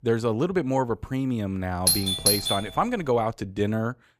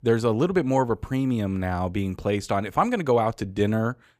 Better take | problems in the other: second | doorbell; loud; at 2 s; peak 5 dB above the speech

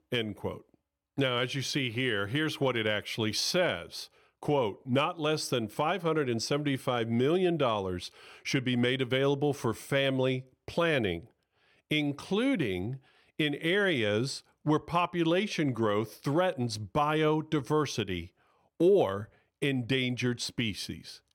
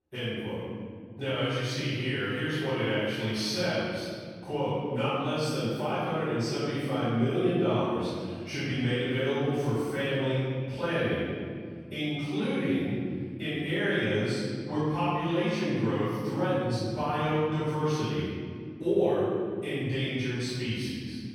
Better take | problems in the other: first | off-mic speech; far // room echo; strong; dies away in 2.3 s

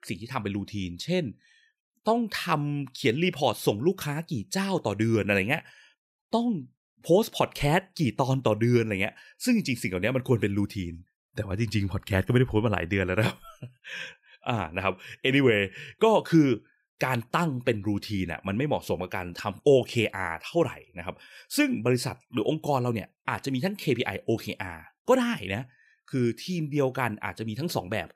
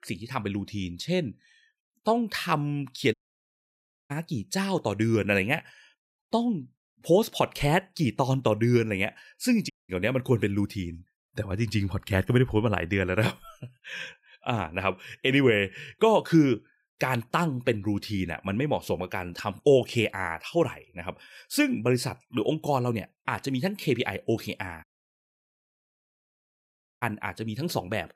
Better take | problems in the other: first | audio cutting out; at 3 s for 1 s, at 9.5 s and at 25 s for 2 s

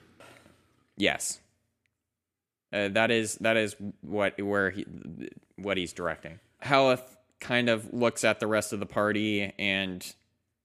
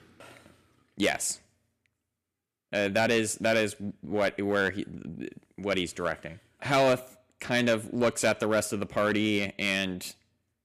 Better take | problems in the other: first | distortion; slight; 3% of the sound clipped

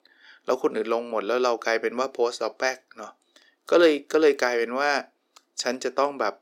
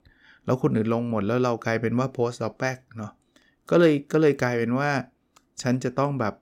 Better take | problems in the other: second | thin; somewhat; fading below 350 Hz

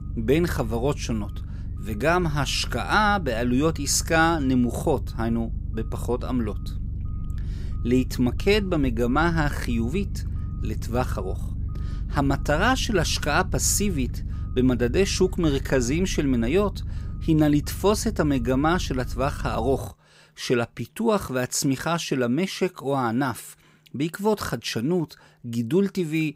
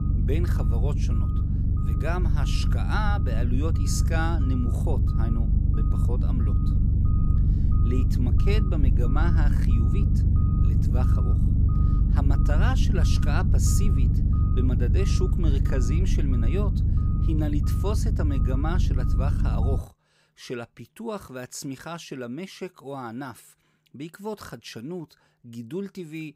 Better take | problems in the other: first | low rumble; loud; until 20 s; 2 dB below the speech; faint in the first

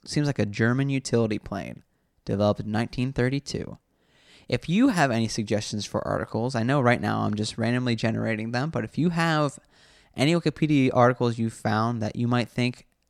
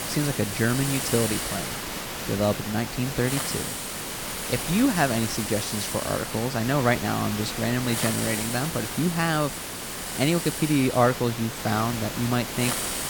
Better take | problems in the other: first | hiss; loud; throughout; 4 dB below the speech

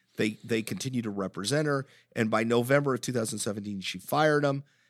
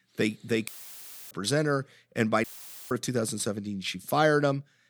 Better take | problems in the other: first | audio cutting out; filled with static; at 0.5 s for 0.5 s and at 2.5 s

